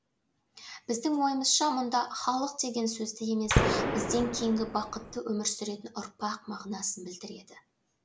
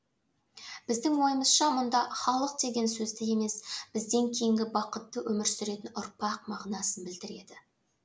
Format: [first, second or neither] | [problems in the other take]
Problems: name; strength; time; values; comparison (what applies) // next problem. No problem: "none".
second | background sound (Gunshot, gunfire); 2 dB above the speech